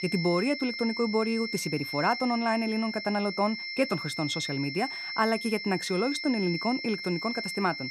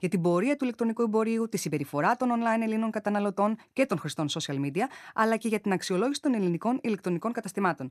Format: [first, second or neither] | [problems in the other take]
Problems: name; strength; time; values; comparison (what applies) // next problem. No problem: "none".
second | high-pitched whine; loud; throughout; 2 kHz, 5 dB below the speech